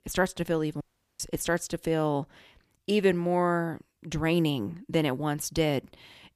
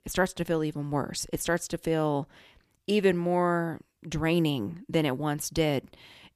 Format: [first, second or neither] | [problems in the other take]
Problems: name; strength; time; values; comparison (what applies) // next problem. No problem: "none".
second | audio cutting out; at 1 s